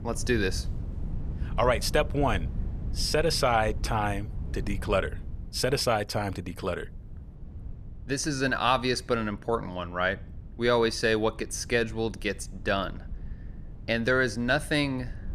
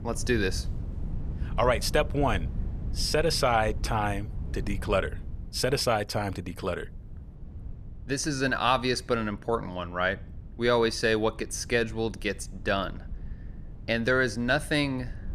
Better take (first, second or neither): neither